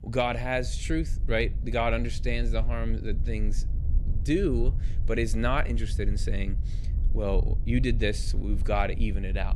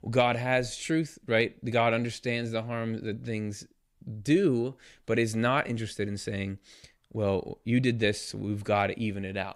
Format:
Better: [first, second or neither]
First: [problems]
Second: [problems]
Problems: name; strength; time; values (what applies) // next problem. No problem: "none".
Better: second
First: low rumble; noticeable; throughout; 20 dB below the speech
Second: none